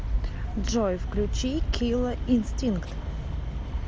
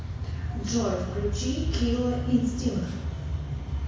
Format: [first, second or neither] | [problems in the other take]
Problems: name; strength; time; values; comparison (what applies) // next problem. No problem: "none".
first | room echo; dies away in 1.1 s